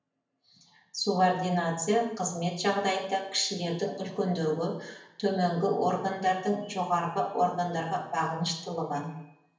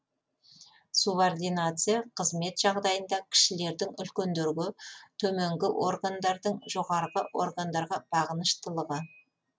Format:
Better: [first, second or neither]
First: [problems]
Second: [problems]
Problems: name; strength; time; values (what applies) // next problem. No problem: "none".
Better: second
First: room echo; dies away in 0.8 s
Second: none